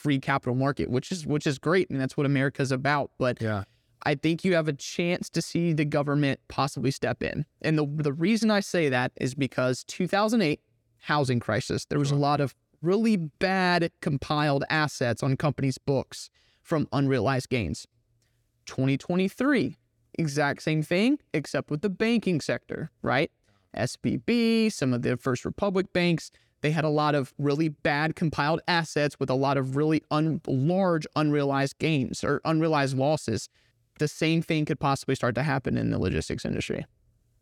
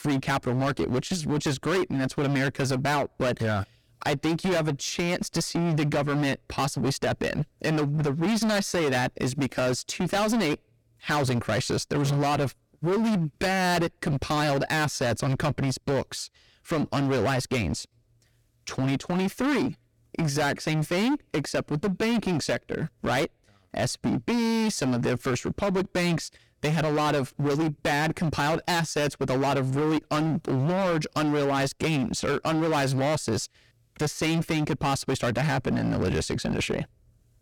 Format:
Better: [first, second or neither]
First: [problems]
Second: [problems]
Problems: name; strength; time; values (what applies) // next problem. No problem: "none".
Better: first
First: none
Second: distortion; heavy; 24% of the sound clipped